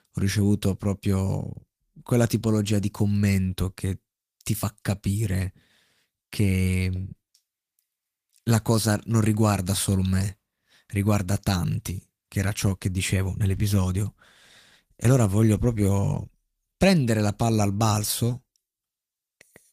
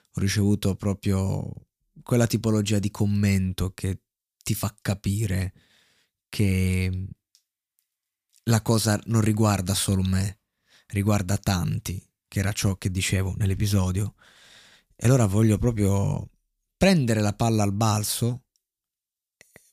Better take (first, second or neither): second